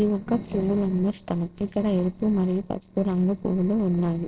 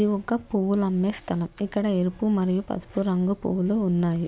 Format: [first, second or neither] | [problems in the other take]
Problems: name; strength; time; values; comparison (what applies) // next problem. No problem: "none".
second | noise reduction (neural separator model SepFormer DNS4)